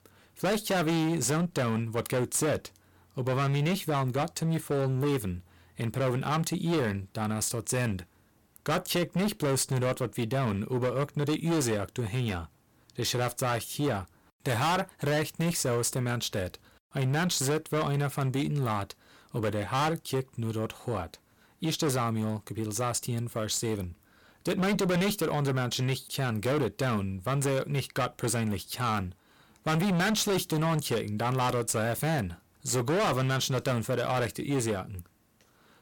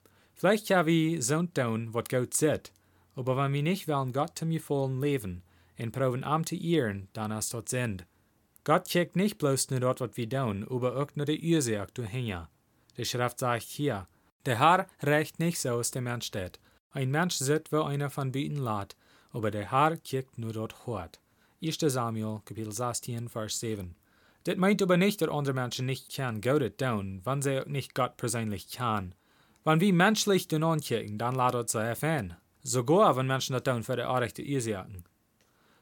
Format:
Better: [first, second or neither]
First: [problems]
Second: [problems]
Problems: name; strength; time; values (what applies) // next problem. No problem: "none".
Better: second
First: distortion; heavy; 17% of the sound clipped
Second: none